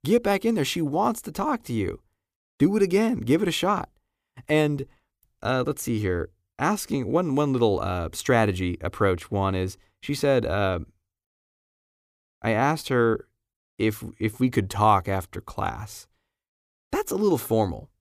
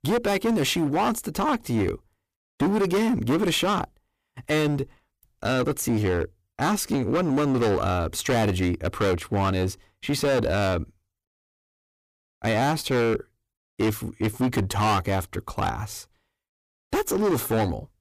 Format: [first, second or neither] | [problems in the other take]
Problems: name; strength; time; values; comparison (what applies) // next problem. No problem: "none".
first | distortion; heavy; 14% of the sound clipped